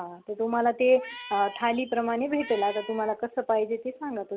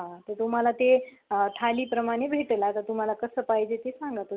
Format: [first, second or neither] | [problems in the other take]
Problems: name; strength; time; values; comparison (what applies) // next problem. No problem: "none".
second | background sound (Meow); 16 dB below the speech